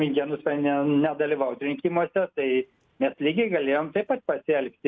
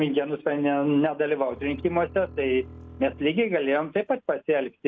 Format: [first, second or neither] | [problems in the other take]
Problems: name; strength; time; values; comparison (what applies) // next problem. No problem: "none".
first | background sound (Bowed string instrument); 19 dB below the speech